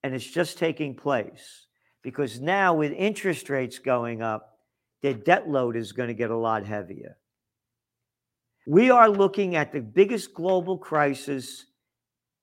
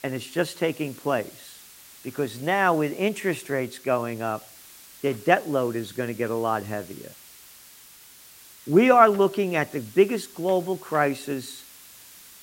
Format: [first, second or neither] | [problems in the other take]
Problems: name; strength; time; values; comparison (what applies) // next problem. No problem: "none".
first | hiss; faint; throughout; 20 dB below the speech